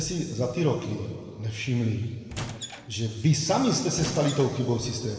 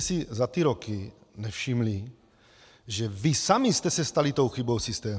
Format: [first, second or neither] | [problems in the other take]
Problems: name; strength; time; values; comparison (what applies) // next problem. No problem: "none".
second | background sound (Squeak / Wood); 13 dB below the speech // room echo; dies away in 2.2 s